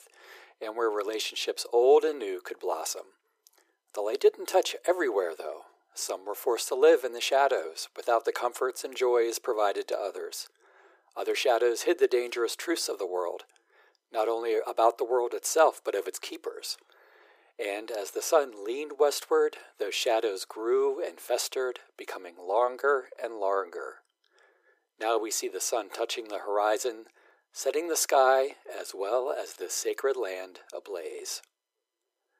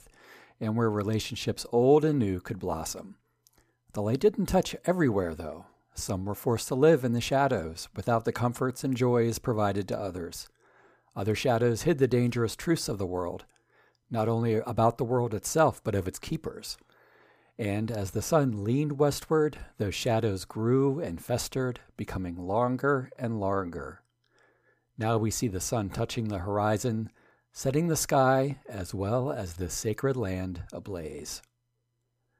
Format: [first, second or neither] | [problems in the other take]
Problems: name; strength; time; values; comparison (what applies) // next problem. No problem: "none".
second | thin; very; fading below 350 Hz